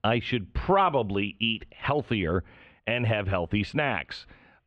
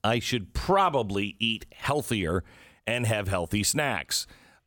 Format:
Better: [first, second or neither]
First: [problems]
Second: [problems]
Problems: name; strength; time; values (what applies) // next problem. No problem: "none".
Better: second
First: muffled; very; fading above 3 kHz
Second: none